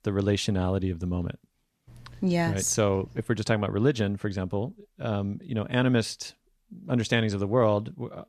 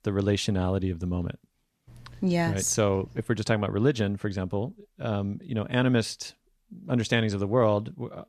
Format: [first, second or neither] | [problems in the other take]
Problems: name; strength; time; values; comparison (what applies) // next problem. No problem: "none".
neither | none